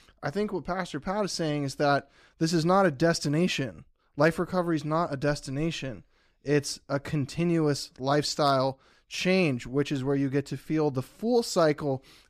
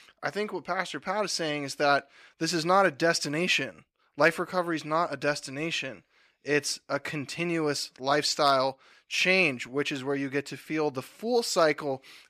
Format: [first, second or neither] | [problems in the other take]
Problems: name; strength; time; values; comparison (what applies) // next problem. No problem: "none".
first | thin; very slightly; fading below 1 kHz